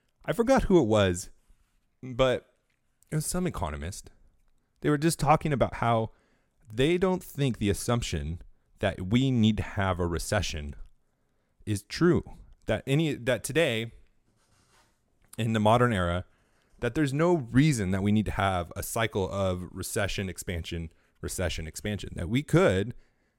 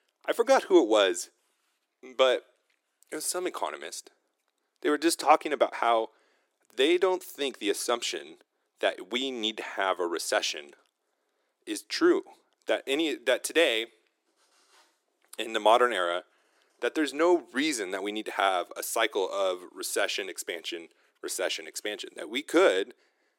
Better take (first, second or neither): first